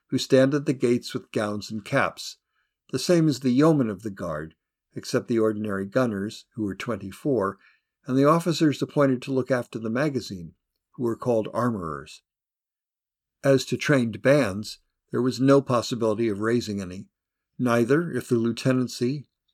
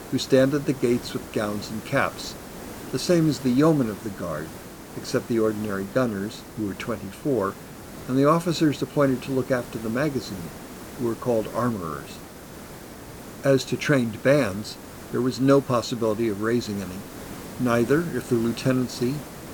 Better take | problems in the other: first | hiss; noticeable; throughout; 15 dB below the speech

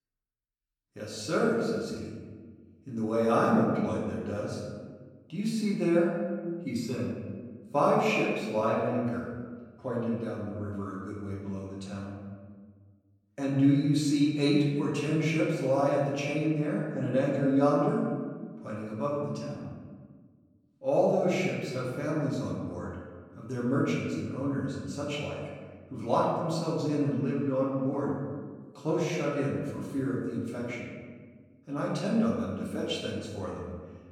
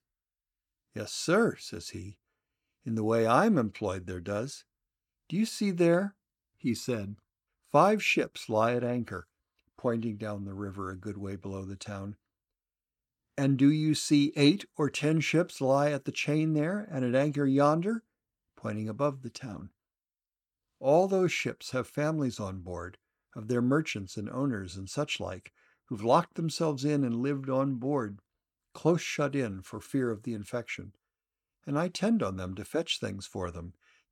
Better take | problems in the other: second | room echo; noticeable; dies away in 1.5 s // off-mic speech; far

